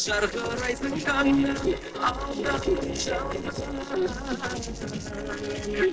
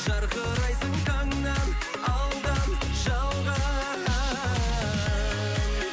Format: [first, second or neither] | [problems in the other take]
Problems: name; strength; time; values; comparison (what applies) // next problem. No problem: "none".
second | noise reduction (neural separator model SepFormer DNS4)